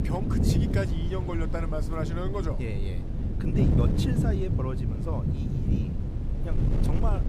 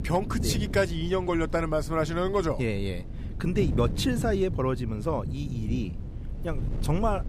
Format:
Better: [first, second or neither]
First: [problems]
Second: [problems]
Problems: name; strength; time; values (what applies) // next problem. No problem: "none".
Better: second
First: wind noise on the microphone; heavy; 1 dB below the speech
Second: wind noise on the microphone; occasional gusts; 15 dB below the speech